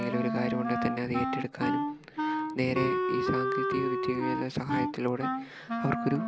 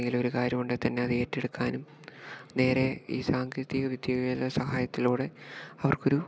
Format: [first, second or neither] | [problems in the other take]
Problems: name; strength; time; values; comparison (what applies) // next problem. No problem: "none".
second | background sound (Wind instrument, woodwind instrument); 1 dB above the speech